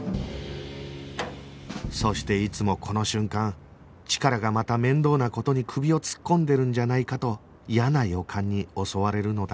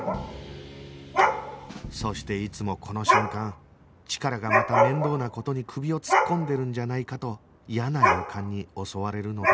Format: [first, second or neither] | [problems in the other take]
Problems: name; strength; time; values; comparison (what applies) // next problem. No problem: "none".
first | background sound (Dog); 3 dB above the speech